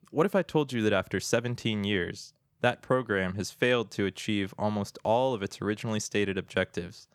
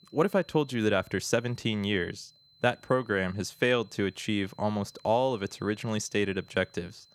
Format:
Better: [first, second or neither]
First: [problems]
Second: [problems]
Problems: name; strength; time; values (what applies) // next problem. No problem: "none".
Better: first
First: none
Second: high-pitched whine; faint; throughout; 4 kHz, 30 dB below the speech